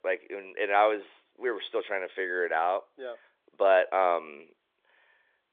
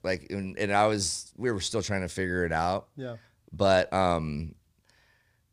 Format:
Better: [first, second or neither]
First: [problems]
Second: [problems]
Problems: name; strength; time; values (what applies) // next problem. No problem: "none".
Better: second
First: phone-call audio; nothing above 3.5 kHz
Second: none